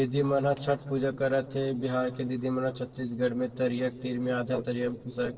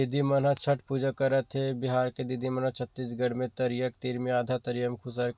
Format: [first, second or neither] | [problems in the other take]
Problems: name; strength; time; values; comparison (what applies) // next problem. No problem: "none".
second | noise reduction (neural separator model SepFormer DNS4)